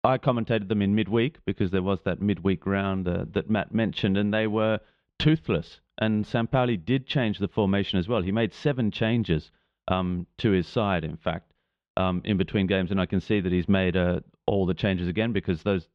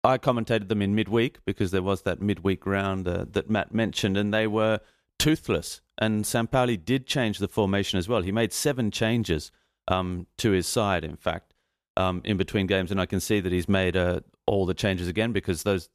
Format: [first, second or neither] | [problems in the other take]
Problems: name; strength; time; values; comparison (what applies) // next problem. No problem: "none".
second | muffled; slightly; fading above 3.5 kHz